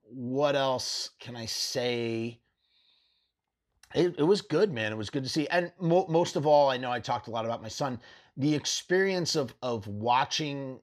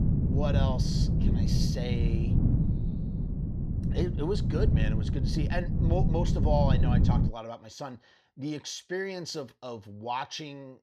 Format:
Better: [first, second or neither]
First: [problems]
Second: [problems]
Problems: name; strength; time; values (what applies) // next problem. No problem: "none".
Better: first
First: none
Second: wind noise on the microphone; heavy; until 7.5 s; 3 dB below the speech